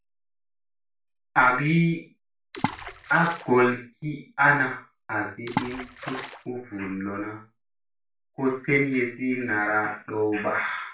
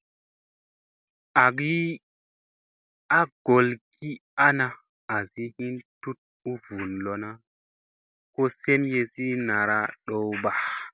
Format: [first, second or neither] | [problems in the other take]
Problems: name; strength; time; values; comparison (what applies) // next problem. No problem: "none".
second | background sound (Water / Splash, splatter); 7 dB below the speech // room echo; dies away in 0.3 s